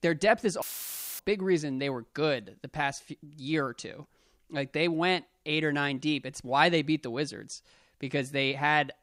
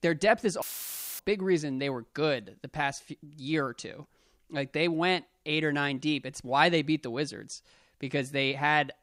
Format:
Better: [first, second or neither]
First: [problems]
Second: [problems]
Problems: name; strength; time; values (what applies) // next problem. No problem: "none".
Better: neither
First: audio cutting out; filled with static; at 0.5 s for 0.5 s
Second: audio cutting out; filled with static; at 0.5 s for 0.5 s